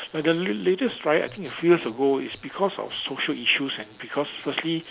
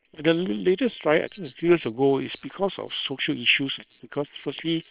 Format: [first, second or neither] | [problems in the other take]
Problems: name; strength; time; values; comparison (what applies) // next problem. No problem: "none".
first | noise reduction (neural separator model SepFormer WHAM!)